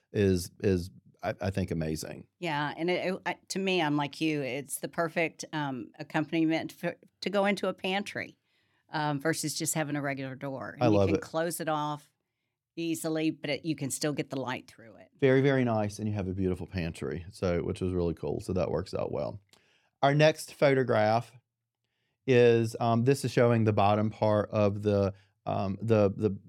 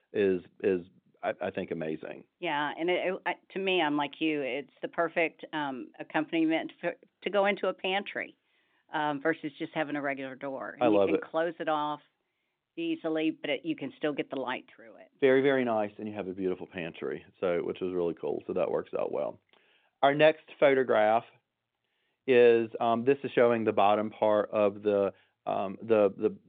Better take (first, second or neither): first